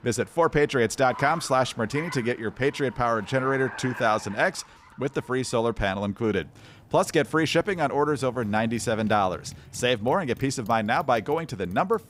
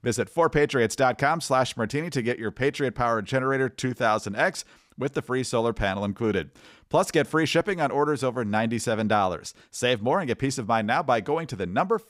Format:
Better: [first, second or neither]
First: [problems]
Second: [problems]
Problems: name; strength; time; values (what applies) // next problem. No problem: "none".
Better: second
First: traffic noise; noticeable; throughout; 20 dB below the speech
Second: none